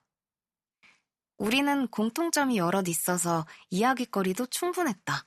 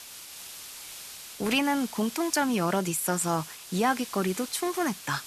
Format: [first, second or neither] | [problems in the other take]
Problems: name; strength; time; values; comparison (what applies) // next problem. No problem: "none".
first | hiss; noticeable; throughout; 10 dB below the speech